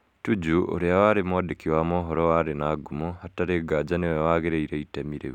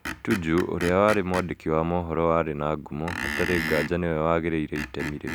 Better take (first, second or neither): first